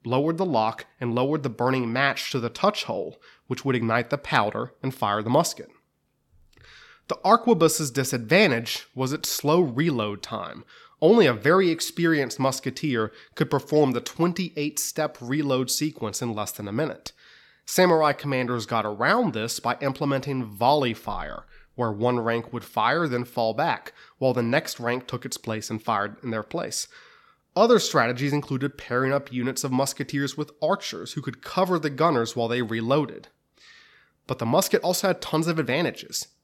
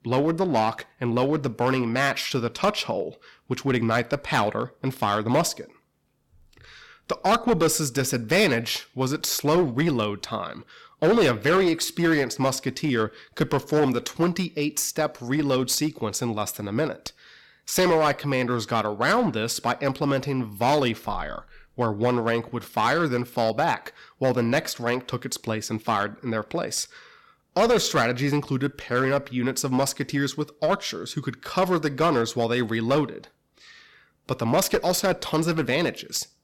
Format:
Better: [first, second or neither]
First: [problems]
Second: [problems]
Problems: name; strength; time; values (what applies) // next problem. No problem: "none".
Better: first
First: none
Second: distortion; slight; 6% of the sound clipped